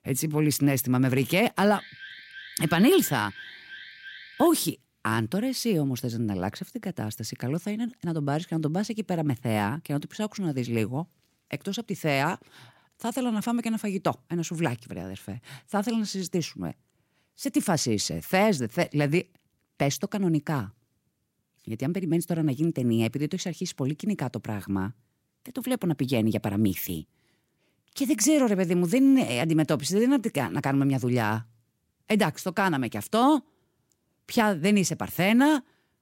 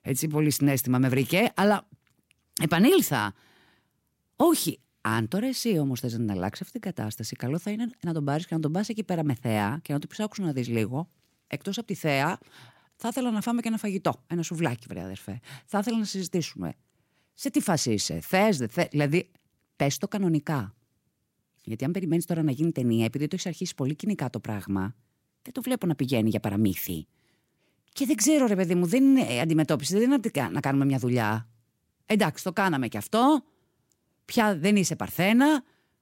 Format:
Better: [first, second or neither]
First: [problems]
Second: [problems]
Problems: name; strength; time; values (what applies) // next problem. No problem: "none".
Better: second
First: alarm; faint; from 2 to 4.5 s; peak 15 dB below the speech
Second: none